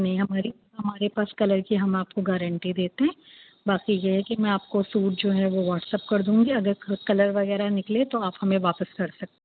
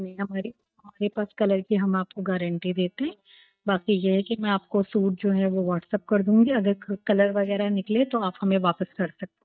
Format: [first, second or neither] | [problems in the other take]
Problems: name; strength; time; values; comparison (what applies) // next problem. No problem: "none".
first | noise reduction (neural mask model DeepFilterNet 3)